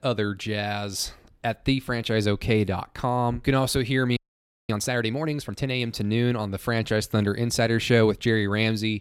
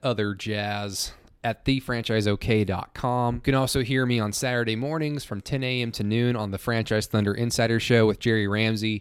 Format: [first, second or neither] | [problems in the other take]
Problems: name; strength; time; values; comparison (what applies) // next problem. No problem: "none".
second | audio freezing; at 4 s for 0.5 s